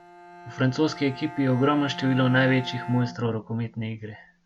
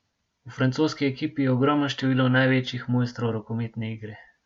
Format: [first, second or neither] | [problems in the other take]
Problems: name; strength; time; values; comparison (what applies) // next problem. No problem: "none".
second | background sound (Bowed string instrument); 15 dB below the speech